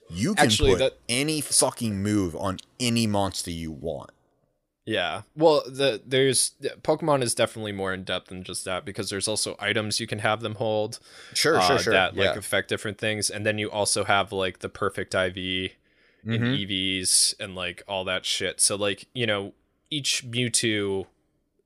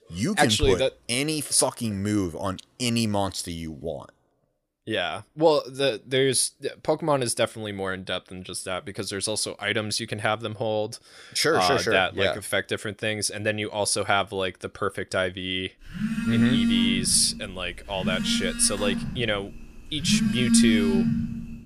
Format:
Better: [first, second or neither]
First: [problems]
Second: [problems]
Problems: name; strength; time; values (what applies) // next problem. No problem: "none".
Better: first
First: none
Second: phone ringing; loud; from 16 s on; peak 5 dB above the speech